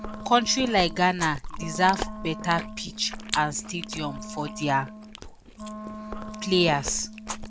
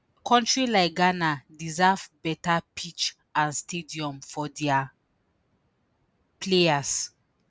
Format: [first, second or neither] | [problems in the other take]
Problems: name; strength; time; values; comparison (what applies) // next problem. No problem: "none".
second | background sound (Chewing, mastication + Wind instrument, woodwind instrument); 9 dB below the speech